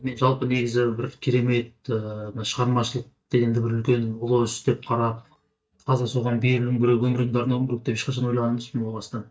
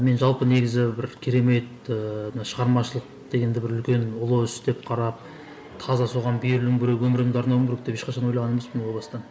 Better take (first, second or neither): second